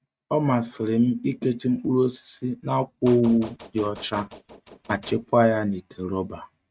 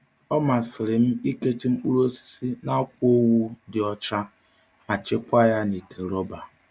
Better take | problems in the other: second | noise reduction (neural mask model RNNoise)

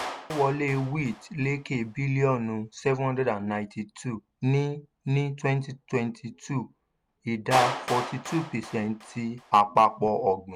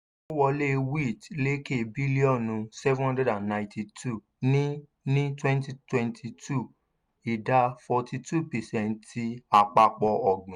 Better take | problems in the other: second | background sound (Clapping); 12 dB below the speech

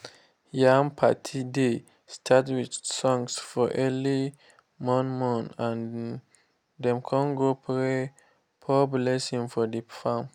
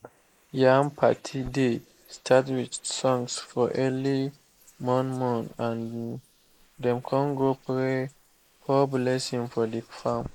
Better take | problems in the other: first | noise reduction (neural mask model Resemble Enhance denoiser)

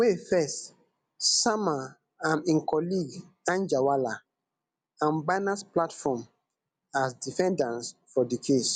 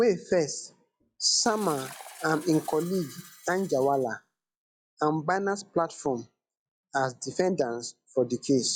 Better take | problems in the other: first | noise reduction (classical method log-MMSE)

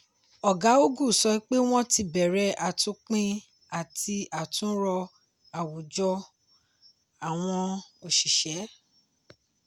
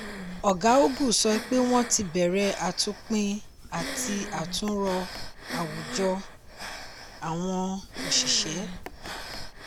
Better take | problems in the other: first | background sound (Breathing); 10 dB below the speech

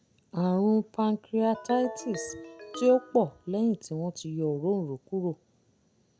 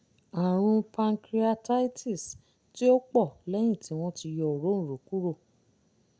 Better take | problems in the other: second | background sound (Ringtone); 14 dB below the speech

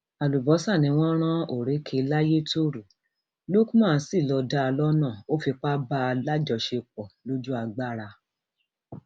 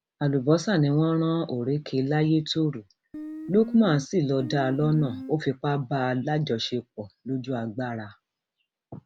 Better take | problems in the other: first | background sound (Guitar); 11 dB below the speech

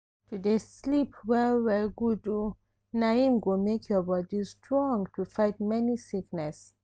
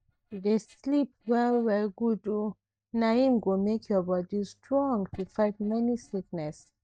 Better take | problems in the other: first | noise reduction (neural mask model DeepFilterNet 3)

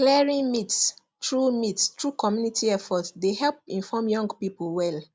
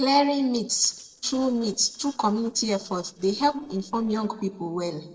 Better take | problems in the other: first | noise reduction (neural separator model SepFormer DNS4)

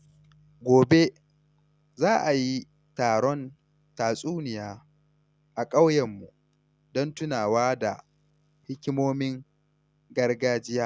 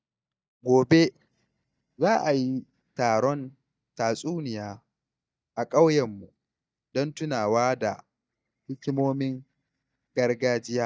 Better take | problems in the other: first | noise reduction (neural mask model DeepFilterNet 3)

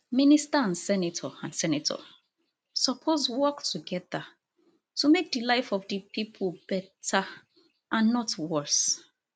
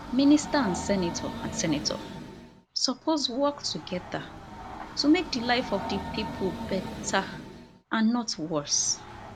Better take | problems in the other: first | background sound (Train); 10 dB below the speech

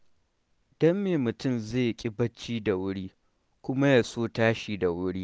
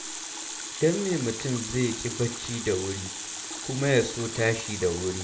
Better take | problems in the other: first | background sound (Water tap, faucet); 7 dB below the speech // room echo; dies away in 0.3 s

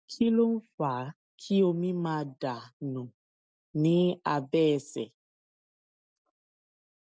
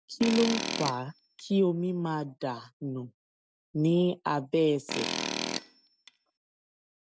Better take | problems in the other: first | background sound (Tools); 5 dB below the speech

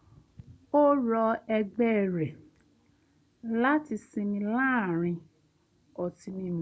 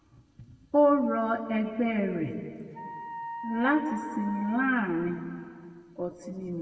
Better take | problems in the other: first | background sound (Wind instrument, woodwind instrument); 12 dB below the speech // room echo; dies away in 1.6 s

